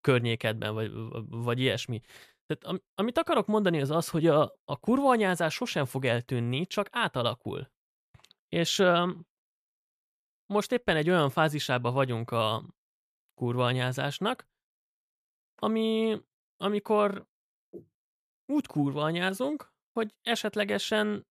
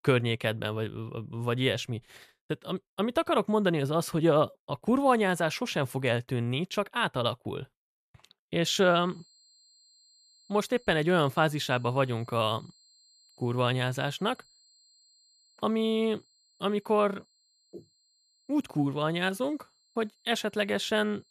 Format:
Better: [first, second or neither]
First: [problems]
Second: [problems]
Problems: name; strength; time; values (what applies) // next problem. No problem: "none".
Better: first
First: none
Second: high-pitched whine; faint; from 8.5 s on; 4 kHz, 30 dB below the speech